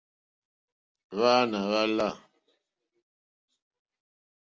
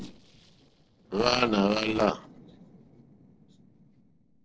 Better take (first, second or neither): first